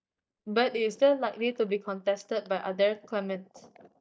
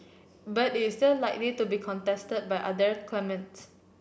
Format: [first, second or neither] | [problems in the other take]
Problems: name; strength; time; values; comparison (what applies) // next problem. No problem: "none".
second | noise reduction (neural mask model DeepFilterNet 3)